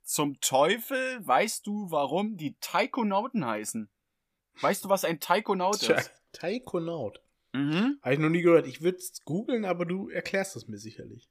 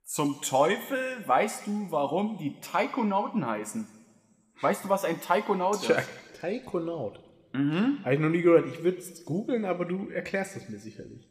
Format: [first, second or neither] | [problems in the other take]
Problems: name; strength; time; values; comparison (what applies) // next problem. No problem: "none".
first | room echo; very slight; dies away in 1.3 s